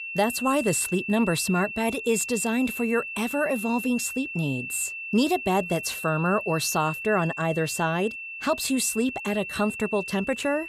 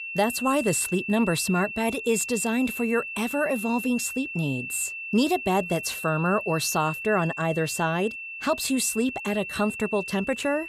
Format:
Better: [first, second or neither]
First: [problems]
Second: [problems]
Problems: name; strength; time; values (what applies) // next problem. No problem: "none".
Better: neither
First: high-pitched whine; loud; throughout; 2.5 kHz, 7 dB below the speech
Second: high-pitched whine; loud; throughout; 2.5 kHz, 7 dB below the speech